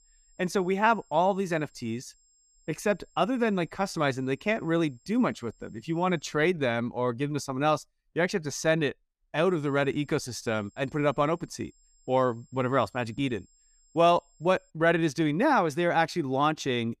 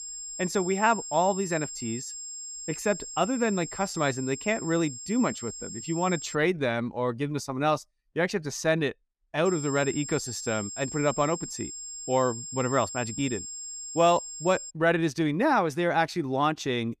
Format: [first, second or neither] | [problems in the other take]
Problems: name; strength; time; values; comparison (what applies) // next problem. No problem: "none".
first | high-pitched whine; loud; until 6.5 s and from 9.5 to 15 s; 7.5 kHz, 9 dB below the speech; faint in the first